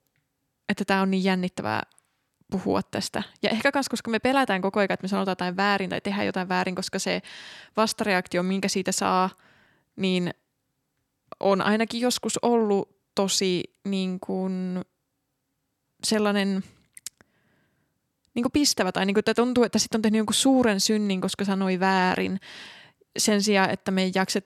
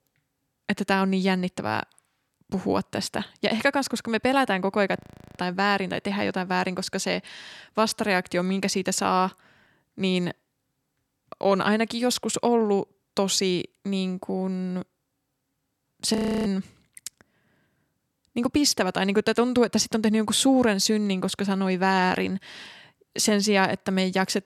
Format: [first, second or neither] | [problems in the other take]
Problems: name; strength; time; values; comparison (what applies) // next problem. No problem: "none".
first | audio freezing; at 5 s and at 16 s